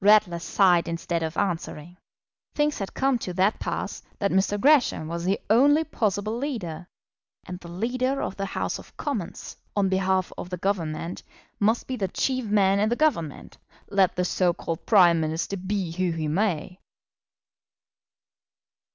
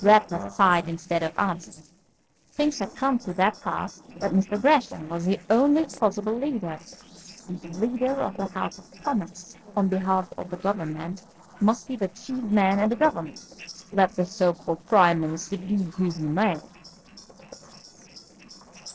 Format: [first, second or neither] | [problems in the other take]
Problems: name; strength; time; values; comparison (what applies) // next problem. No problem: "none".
first | noise reduction (neural separator model SepFormer DNS4)